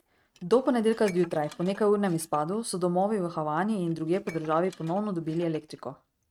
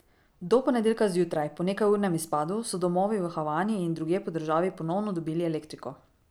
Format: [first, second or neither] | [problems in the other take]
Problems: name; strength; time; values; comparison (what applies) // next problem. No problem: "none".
second | noise reduction (neural mask model RNNoise)